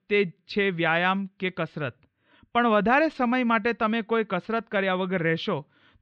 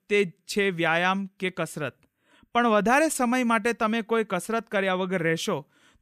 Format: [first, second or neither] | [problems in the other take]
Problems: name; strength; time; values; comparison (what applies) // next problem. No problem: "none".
second | muffled; slightly; fading above 4 kHz